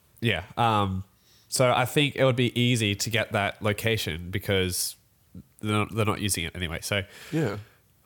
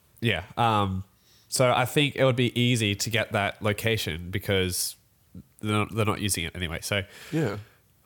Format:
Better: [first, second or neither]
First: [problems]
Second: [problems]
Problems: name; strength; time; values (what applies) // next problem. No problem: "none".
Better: neither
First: none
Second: none